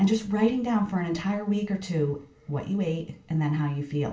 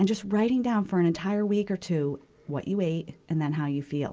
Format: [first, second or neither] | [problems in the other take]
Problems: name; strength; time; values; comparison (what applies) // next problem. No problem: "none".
second | room echo; dies away in 0.4 s